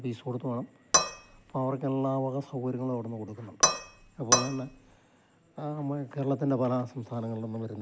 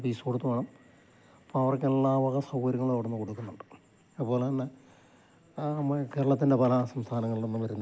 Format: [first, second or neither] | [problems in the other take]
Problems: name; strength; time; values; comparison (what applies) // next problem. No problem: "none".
second | background sound (Cutlery, silverware / Dishes, pots, and pans); 4 dB above the speech